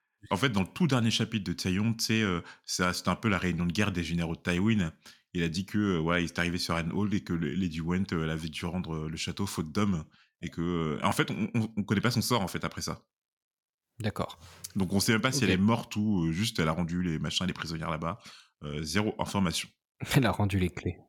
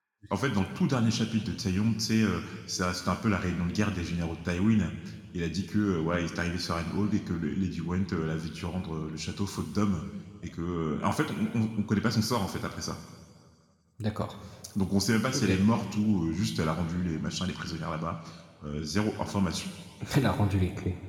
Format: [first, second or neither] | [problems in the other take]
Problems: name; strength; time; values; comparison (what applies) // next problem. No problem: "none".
first | room echo; noticeable; dies away in 1.6 s // off-mic speech; somewhat distant